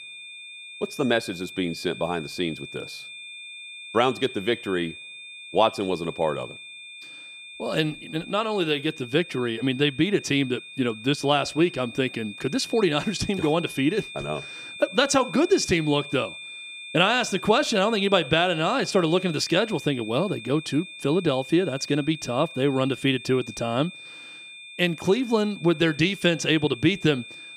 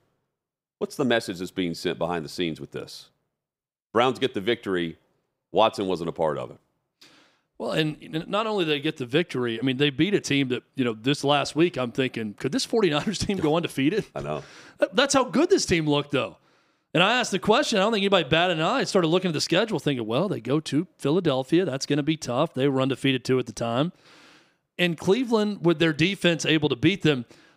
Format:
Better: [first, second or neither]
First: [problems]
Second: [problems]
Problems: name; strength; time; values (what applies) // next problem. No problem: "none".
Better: second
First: high-pitched whine; noticeable; throughout; 2.5 kHz, 15 dB below the speech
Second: none